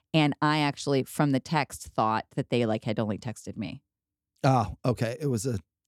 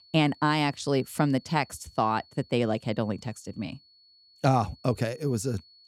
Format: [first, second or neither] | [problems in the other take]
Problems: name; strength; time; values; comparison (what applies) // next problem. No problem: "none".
first | high-pitched whine; faint; throughout; 4.5 kHz, 25 dB below the speech